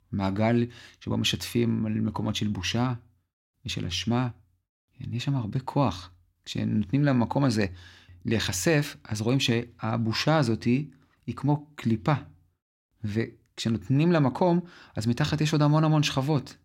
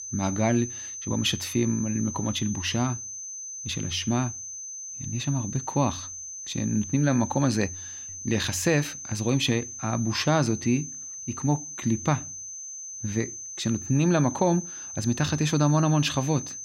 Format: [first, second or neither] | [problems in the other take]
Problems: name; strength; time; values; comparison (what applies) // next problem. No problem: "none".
first | high-pitched whine; loud; throughout; 6 kHz, 8 dB below the speech